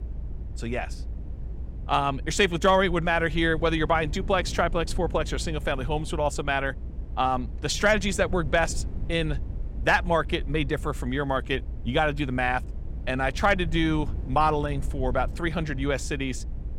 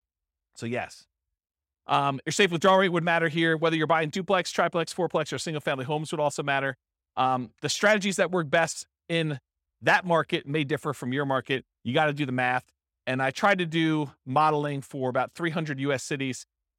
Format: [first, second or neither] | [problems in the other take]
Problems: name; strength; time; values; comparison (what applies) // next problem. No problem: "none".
second | low rumble; faint; throughout; 25 dB below the speech